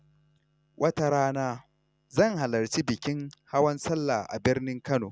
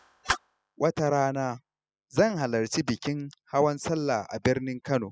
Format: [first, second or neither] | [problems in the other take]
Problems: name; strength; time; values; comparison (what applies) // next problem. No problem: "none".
first | noise reduction (classical method spectral subtraction)